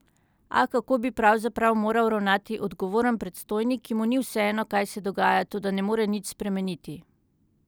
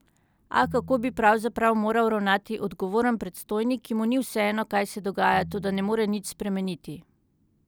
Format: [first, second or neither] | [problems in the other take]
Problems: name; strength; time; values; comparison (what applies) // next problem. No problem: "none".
first | background sound (Piano); 18 dB below the speech